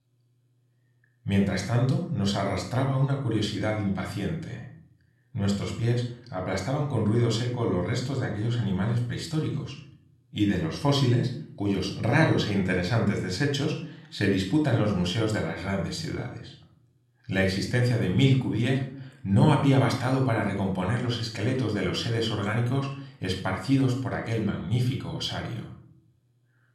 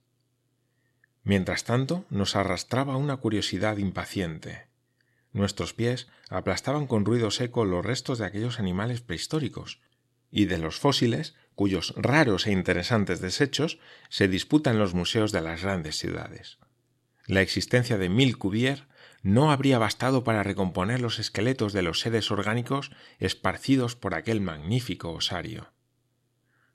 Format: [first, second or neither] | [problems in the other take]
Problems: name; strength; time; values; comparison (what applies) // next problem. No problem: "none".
second | off-mic speech; somewhat distant // room echo; noticeable; dies away in 0.5 s